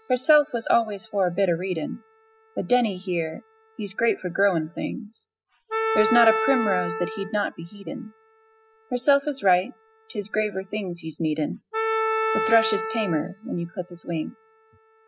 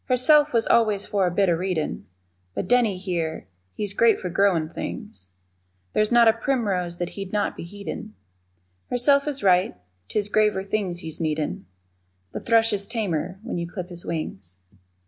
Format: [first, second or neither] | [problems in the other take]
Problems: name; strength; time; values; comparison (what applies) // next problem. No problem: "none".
second | noise reduction (classical method spectral subtraction)